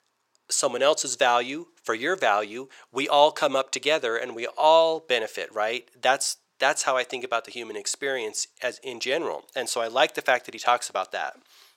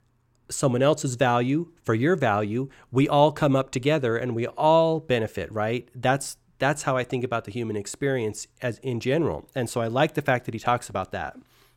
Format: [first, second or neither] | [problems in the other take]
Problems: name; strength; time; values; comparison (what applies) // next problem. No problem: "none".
second | thin; very; fading below 600 Hz